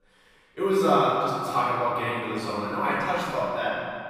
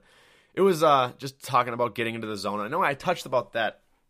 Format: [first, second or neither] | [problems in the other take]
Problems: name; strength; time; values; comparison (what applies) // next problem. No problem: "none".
second | room echo; strong; dies away in 2.1 s // off-mic speech; far